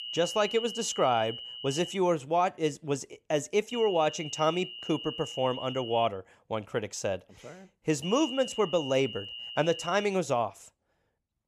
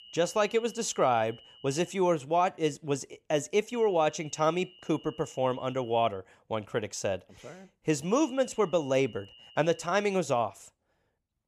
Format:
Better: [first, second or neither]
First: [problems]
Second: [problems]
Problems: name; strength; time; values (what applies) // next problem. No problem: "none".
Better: second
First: high-pitched whine; loud; until 2 s, from 3.5 to 6 s and from 8 to 10 s; 3 kHz, 9 dB below the speech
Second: high-pitched whine; faint; until 2 s, from 3.5 to 6 s and from 8 to 10 s; 3 kHz, 20 dB below the speech